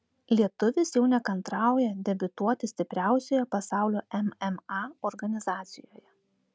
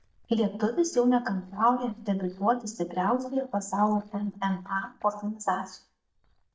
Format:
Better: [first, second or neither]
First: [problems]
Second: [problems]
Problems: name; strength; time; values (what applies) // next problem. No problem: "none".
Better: first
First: none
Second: noise reduction (neural mask model DeepFilterNet 3)